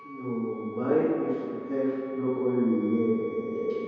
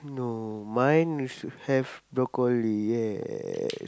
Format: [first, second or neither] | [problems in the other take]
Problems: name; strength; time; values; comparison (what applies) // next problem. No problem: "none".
second | background sound (Wind instrument, woodwind instrument); 20 dB below the speech // room echo; dies away in 2.2 s